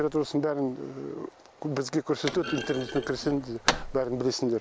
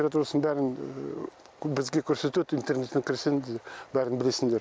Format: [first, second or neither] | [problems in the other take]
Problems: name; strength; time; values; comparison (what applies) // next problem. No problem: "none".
second | background sound (Thump, thud); 8 dB below the speech